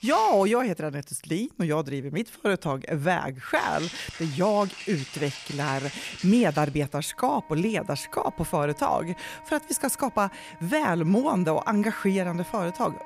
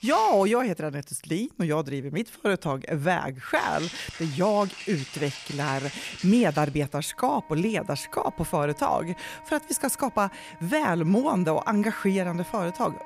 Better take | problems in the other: neither | background music; noticeable; throughout; 15 dB below the speech; the same in both

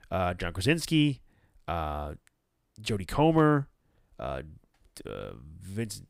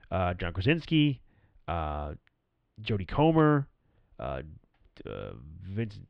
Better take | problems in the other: first | muffled; slightly; fading above 3 kHz

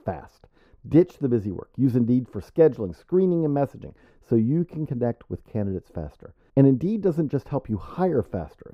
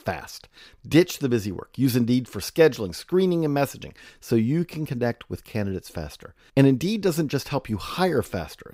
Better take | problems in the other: second | muffled; very; fading above 1.5 kHz

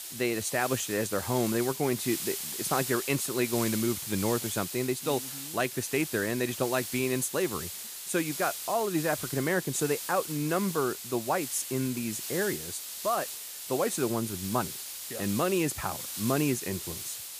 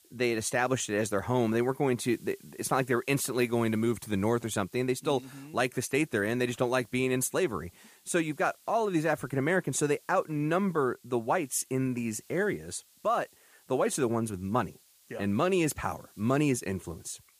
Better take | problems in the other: second | hiss; loud; throughout; 5 dB below the speech; faint in the second

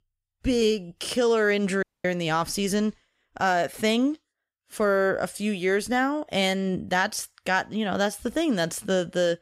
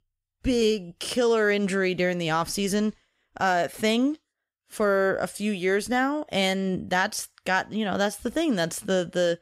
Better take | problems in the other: second | audio cutting out; at 2 s

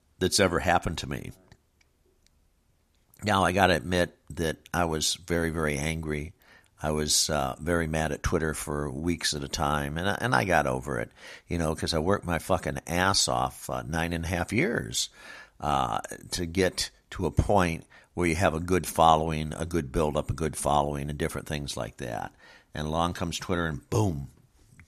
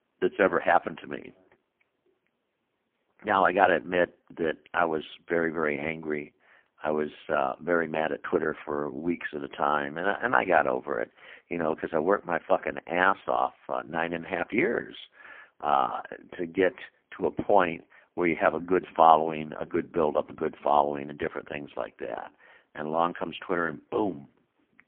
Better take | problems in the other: first | phone-call audio; poor line; nothing above 3 kHz

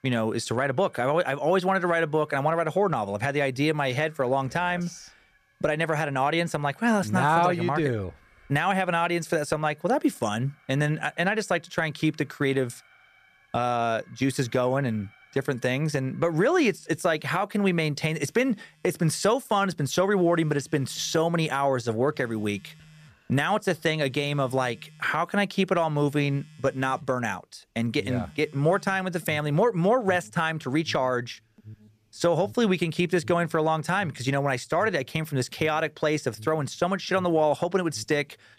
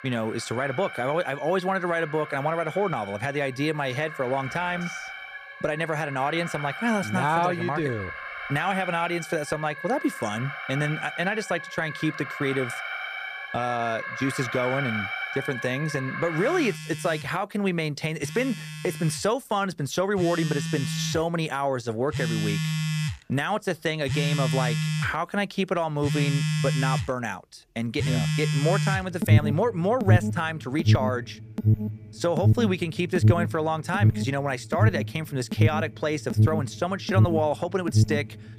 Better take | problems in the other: first | alarms or sirens; loud; throughout; 1 dB below the speech; faint in the first

